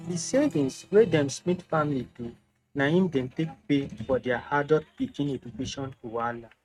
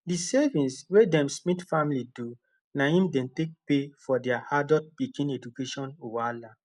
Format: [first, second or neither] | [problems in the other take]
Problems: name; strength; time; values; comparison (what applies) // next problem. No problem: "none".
second | noise reduction (neural mask model RNNoise)